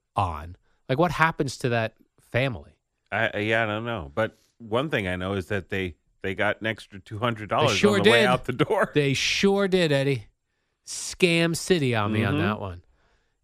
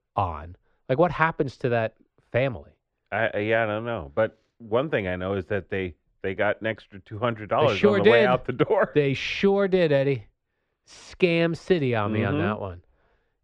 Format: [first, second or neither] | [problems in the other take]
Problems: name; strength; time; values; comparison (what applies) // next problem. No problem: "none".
first | muffled; slightly; fading above 3 kHz